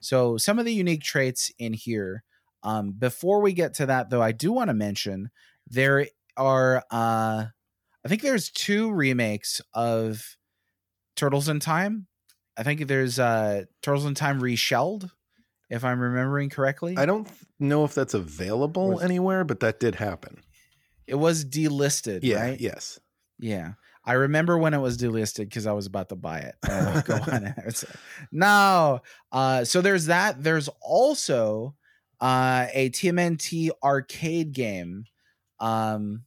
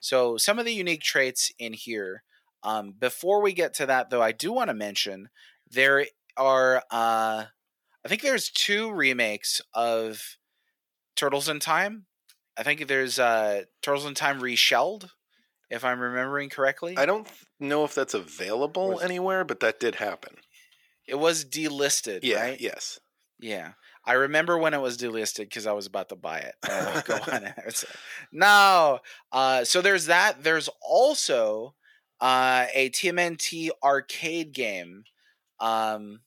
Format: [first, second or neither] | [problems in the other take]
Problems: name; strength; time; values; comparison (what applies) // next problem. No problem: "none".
first | thin; somewhat; fading below 400 Hz